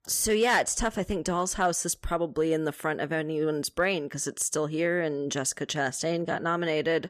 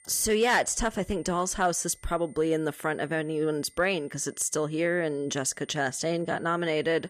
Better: first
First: none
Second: high-pitched whine; faint; throughout; 9 kHz, 30 dB below the speech

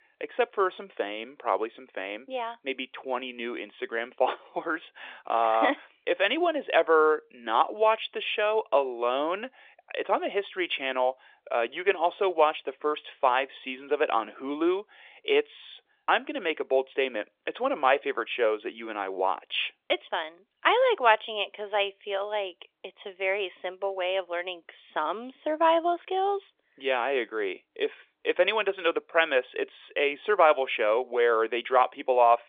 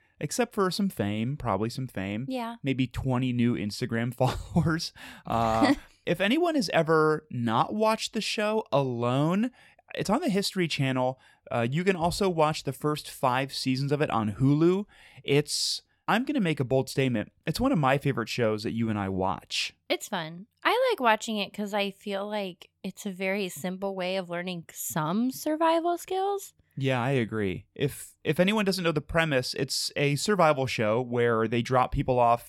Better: second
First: phone-call audio; nothing above 3.5 kHz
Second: none

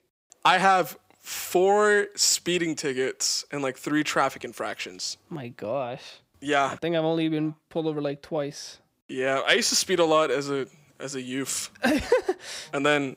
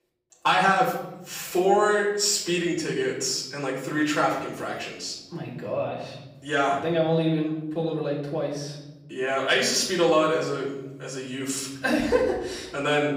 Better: first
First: none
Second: off-mic speech; far // room echo; noticeable; dies away in 1.1 s

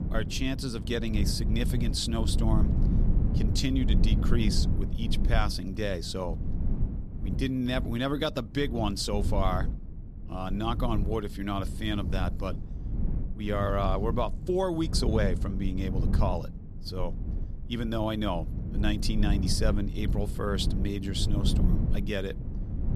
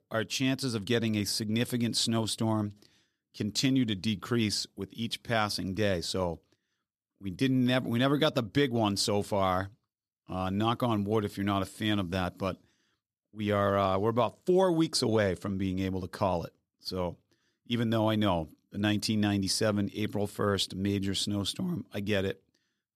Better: second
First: low rumble; noticeable; throughout; 10 dB below the speech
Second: none

